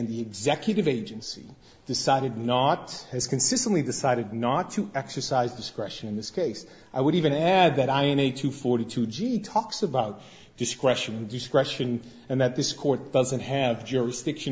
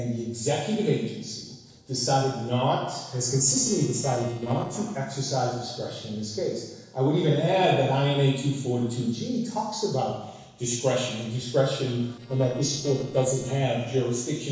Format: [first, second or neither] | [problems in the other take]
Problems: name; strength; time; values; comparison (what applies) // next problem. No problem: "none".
first | noise reduction (neural separator model SepFormer DNS4)